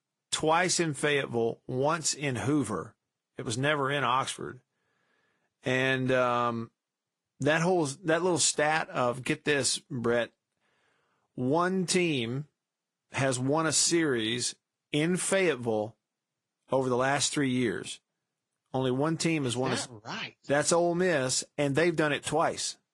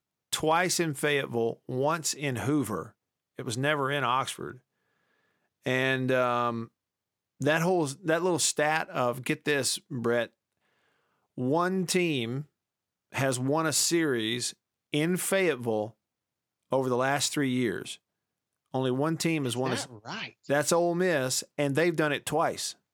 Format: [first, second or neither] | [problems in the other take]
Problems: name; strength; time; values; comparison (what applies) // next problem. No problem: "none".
second | garbled, watery; slightly; nothing above 10.5 kHz